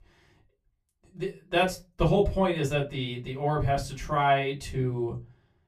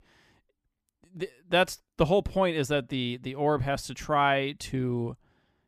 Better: second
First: off-mic speech; far // room echo; very slight; dies away in 0.2 s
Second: none

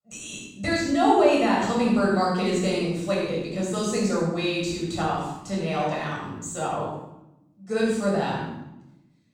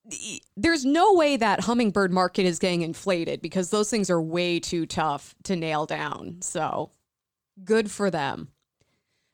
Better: second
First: off-mic speech; far // room echo; strong; dies away in 0.8 s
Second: none

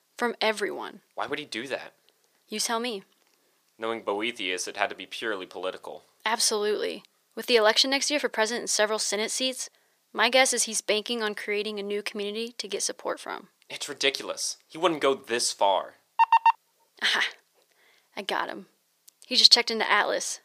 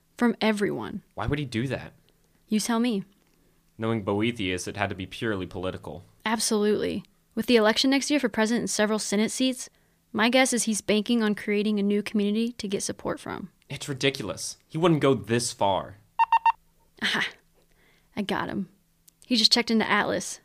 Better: second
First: thin; somewhat; fading below 550 Hz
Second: none

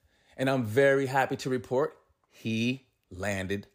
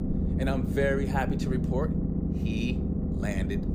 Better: first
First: none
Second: low rumble; loud; throughout; 4 dB below the speech

